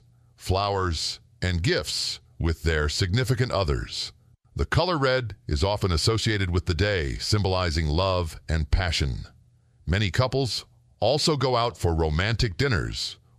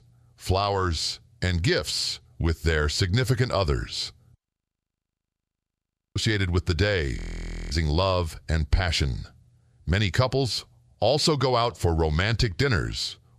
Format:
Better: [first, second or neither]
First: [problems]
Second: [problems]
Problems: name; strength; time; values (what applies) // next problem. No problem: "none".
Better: first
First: none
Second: audio freezing; at 4.5 s for 1.5 s and at 7 s for 0.5 s